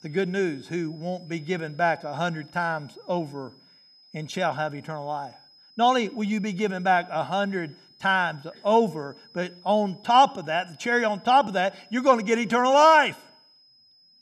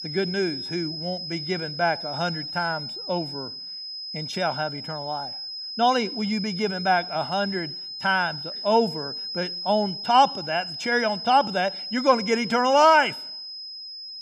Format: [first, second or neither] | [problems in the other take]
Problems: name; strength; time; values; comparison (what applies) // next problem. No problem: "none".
first | high-pitched whine; loud; throughout; 5 kHz, 8 dB below the speech; faint in the first